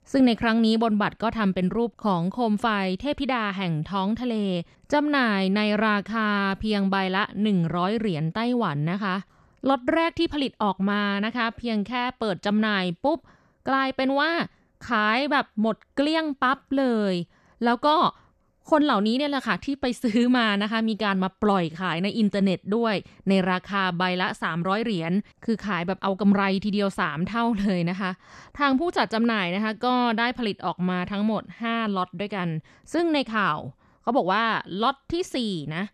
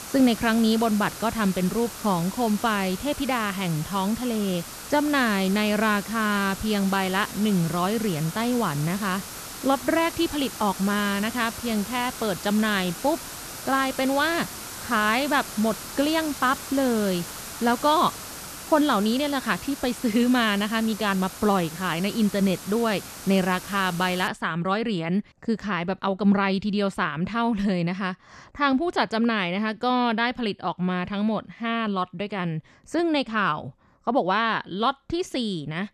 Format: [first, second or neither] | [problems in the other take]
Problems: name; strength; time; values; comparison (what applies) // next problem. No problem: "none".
first | hiss; noticeable; until 24 s; 10 dB below the speech